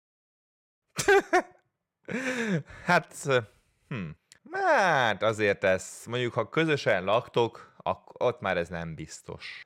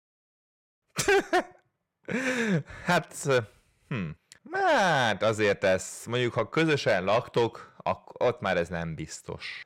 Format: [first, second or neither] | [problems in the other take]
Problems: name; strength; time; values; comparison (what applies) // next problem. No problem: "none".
first | distortion; slight; 10 dB below the speech